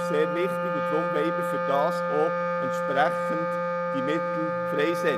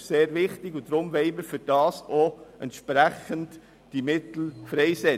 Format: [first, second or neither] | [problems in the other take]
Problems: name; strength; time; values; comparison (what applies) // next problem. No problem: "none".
second | background sound (Wind instrument, woodwind instrument); 2 dB above the speech